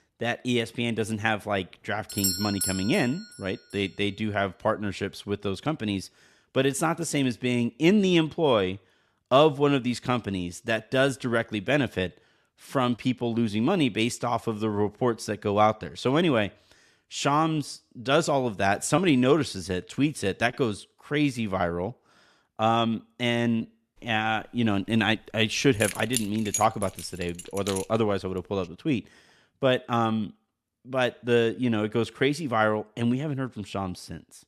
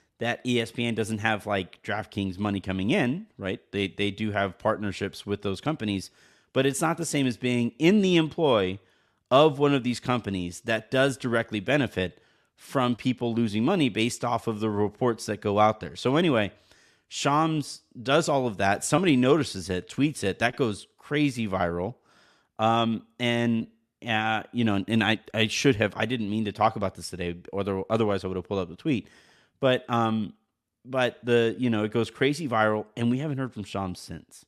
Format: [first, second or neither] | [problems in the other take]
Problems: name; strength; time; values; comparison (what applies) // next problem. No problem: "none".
second | doorbell; loud; at 2 s; peak level with the speech // jangling keys; noticeable; from 26 to 28 s; peak 3 dB below the speech